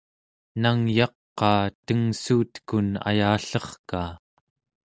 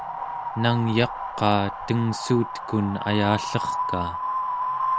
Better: first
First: none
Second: background sound (Wind); 4 dB below the speech

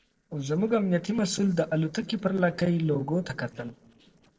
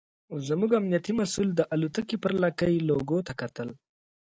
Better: second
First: noise reduction (neural separator model SepFormer DNS4)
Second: none

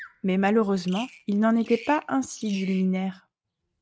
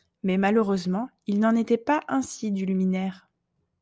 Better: second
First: noise reduction (neural mask model RNNoise)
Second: none

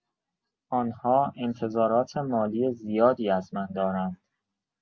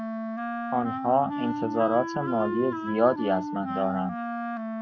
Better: first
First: none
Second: background sound (Wind instrument, woodwind instrument); 4 dB below the speech

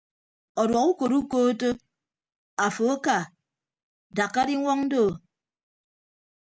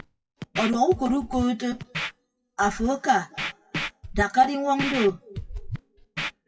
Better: first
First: none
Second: noise reduction (classical method WPE with log-MMSE)

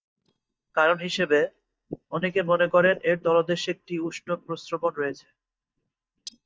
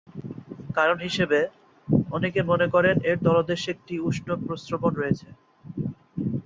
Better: second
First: noise reduction (neural mask model DeepFilterNet 3)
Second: none

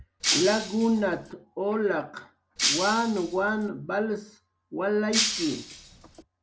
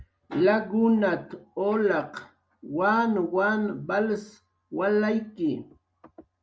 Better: second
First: background sound (Shatter); 2 dB below the speech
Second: none

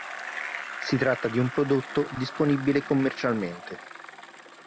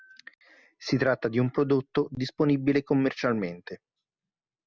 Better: second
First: background sound (Bicycle); 11 dB below the speech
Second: none

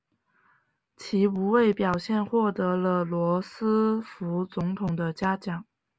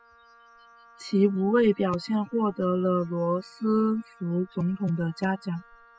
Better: first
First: none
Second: noise reduction (classical method spectral subtraction)

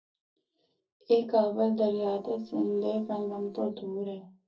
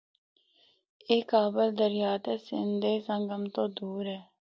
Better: second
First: noise reduction (neural separator model SepFormer DNS4)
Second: none

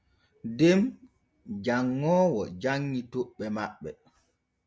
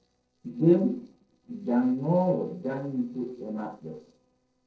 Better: first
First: none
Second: noise reduction (neural separator model SepFormer DNS4)

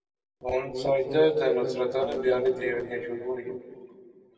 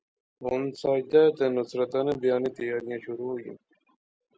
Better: second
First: noise reduction (neural separator model SepFormer DNS4)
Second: none

